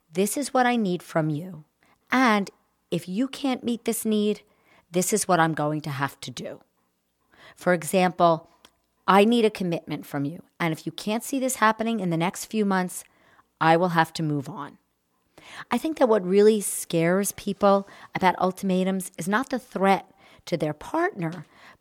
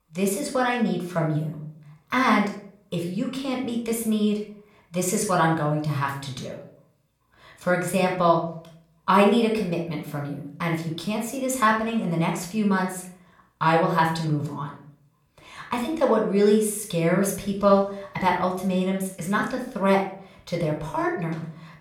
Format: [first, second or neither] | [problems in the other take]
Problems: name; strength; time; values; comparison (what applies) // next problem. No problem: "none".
first | off-mic speech; somewhat distant // room echo; slight; dies away in 0.5 s